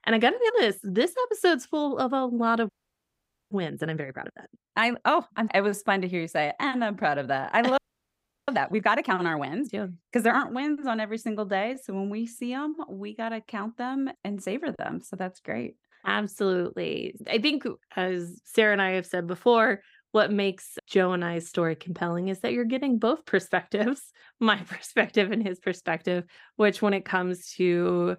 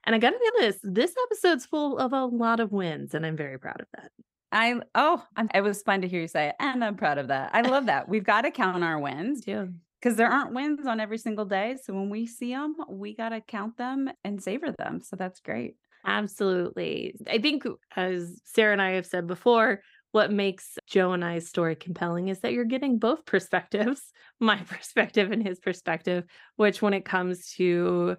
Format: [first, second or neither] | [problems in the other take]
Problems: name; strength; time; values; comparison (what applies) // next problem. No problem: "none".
second | audio freezing; at 2.5 s for 1 s and at 8 s for 0.5 s